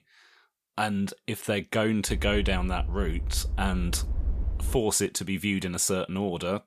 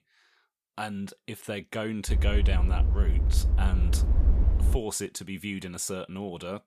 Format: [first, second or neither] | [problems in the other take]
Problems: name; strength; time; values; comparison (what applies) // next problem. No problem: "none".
first | low rumble; loud; from 2 to 5 s; 7 dB below the speech; faint in the first